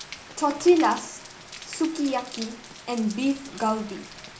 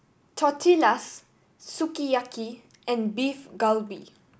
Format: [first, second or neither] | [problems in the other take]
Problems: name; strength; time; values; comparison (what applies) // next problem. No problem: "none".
second | background sound (Rain); 15 dB below the speech // room echo; dies away in 0.4 s